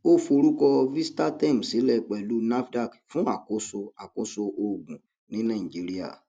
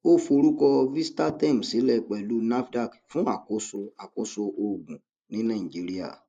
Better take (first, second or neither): first